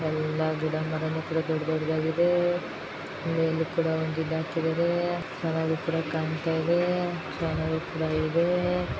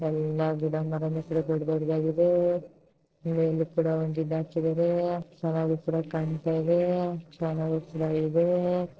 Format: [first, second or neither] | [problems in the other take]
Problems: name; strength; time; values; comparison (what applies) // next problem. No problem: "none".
first | noise reduction (neural separator model SepFormer DNS4)